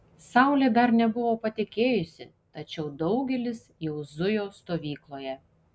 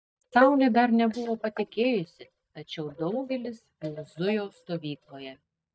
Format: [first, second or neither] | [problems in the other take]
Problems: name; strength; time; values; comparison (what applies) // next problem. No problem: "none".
first | noise reduction (neural mask model DeepFilterNet 3)